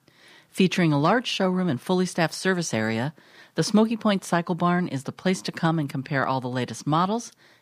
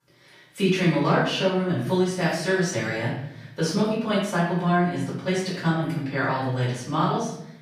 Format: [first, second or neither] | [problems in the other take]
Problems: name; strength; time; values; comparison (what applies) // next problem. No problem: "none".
first | off-mic speech; far // room echo; noticeable; dies away in 0.7 s